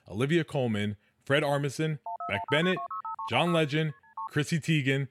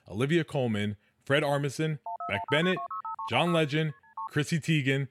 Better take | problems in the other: neither | phone ringing; noticeable; from 2 to 4.5 s; peak 7 dB below the speech; the same in both

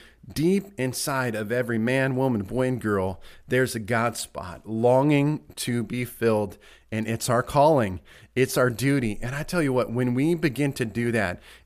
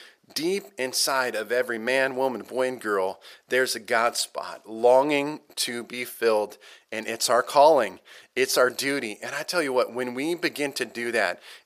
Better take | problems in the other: first | thin; somewhat; fading below 500 Hz

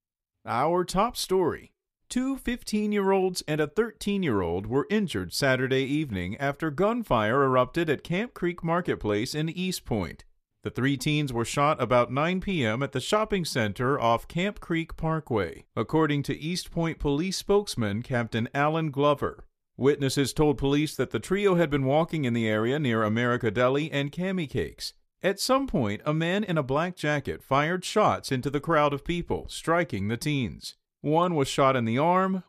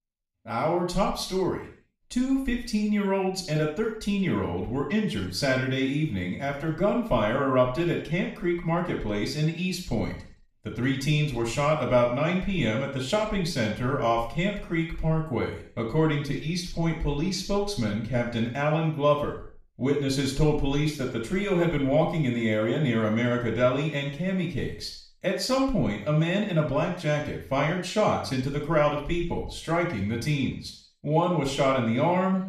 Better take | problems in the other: first | room echo; noticeable; dies away in 0.5 s // off-mic speech; far

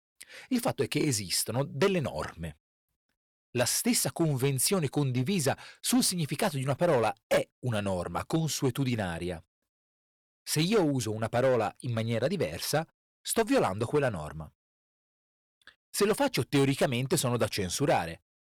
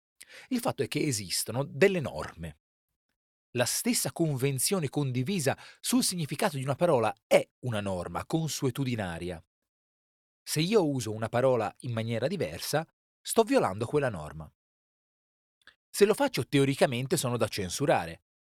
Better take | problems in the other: second | distortion; slight; 4% of the sound clipped

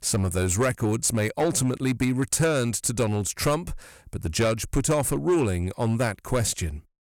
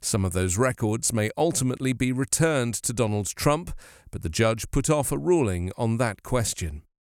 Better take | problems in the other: second | distortion; slight; 7% of the sound clipped

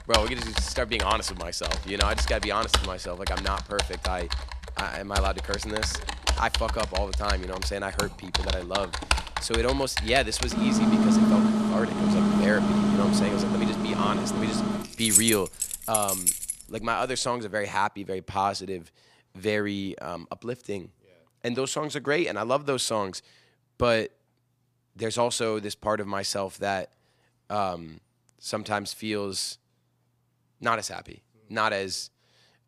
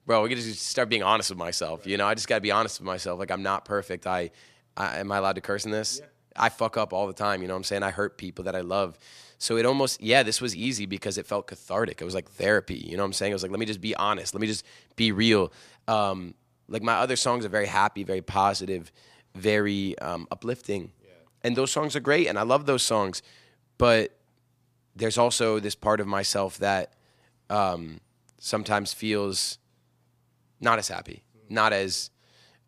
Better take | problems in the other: second | household noises; very loud; until 17 s; 3 dB above the speech

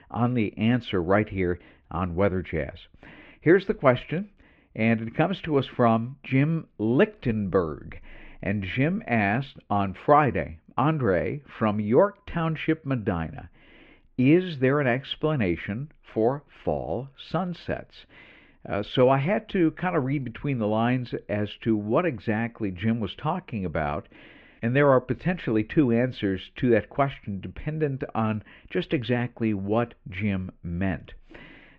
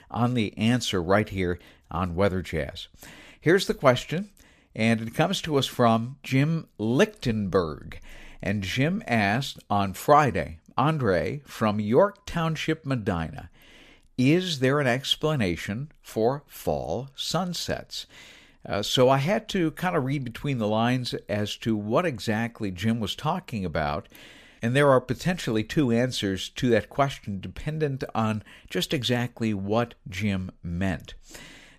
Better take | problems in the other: second | muffled; very; fading above 2.5 kHz

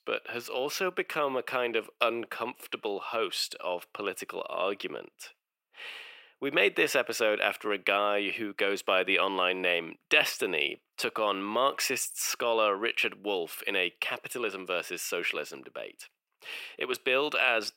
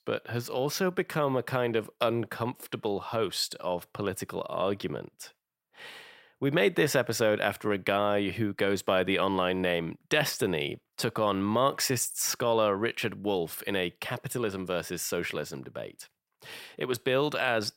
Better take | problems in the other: second | thin; somewhat; fading below 350 Hz

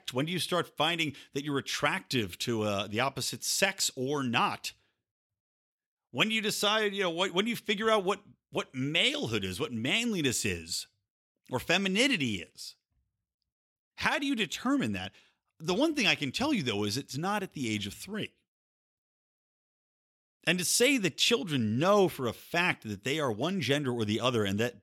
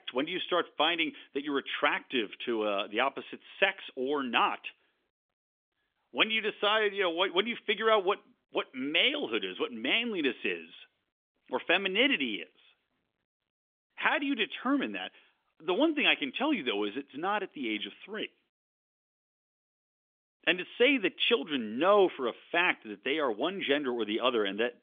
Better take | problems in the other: first | phone-call audio; nothing above 3.5 kHz

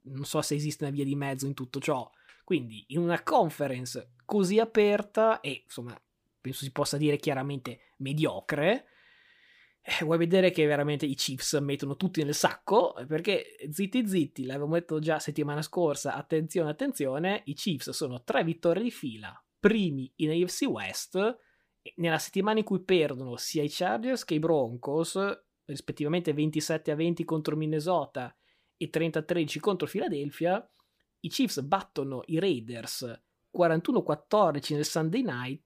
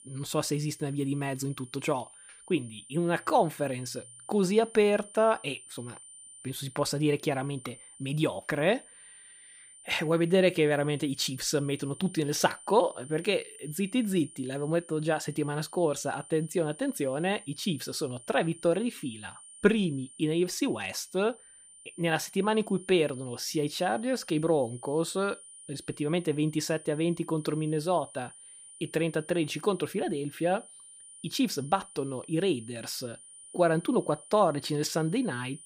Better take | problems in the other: first | high-pitched whine; noticeable; throughout; 9.5 kHz, 20 dB below the speech

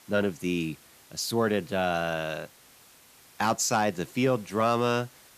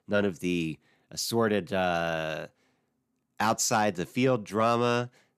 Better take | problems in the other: second | hiss; faint; throughout; 25 dB below the speech

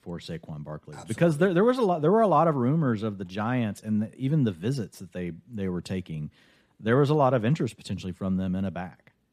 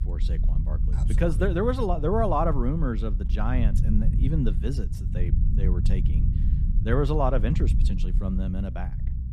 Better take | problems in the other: first | low rumble; noticeable; throughout; 15 dB below the speech

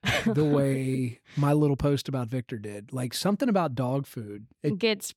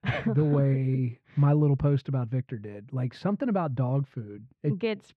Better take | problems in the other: first | muffled; slightly; fading above 2 kHz

